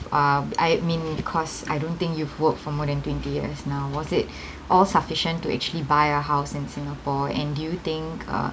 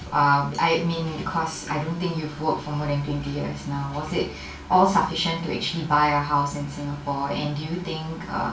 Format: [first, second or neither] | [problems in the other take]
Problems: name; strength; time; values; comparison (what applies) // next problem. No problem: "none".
first | room echo; dies away in 0.2 s